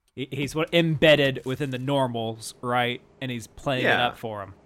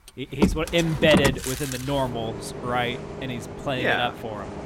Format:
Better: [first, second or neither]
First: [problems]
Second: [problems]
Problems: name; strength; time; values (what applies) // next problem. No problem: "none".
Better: first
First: traffic noise; faint; throughout; 25 dB below the speech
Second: traffic noise; loud; throughout; 4 dB below the speech